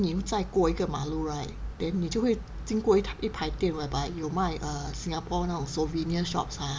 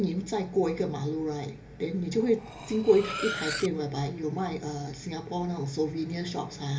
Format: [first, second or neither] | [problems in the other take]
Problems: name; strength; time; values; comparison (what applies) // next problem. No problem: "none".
first | background sound (Cutlery, silverware); 8 dB below the speech // room echo; dies away in 0.3 s